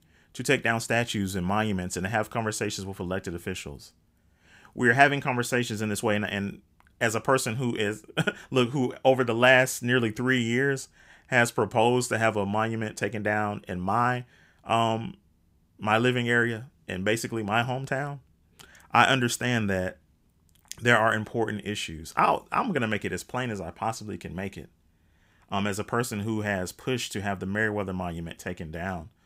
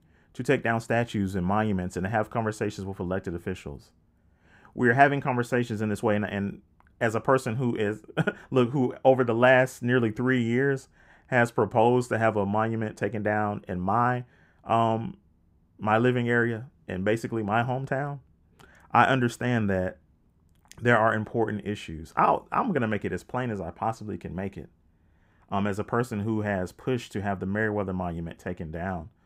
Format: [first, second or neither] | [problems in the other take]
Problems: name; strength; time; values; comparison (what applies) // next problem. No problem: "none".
first | muffled; slightly; fading above 2 kHz